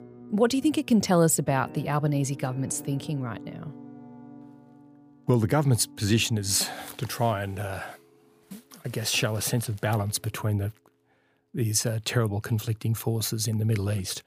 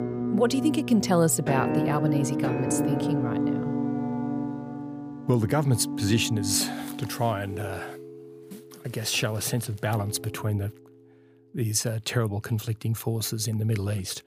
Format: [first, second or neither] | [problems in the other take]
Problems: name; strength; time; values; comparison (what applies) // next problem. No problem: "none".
first | background music; loud; throughout; 3 dB below the speech; faint in the first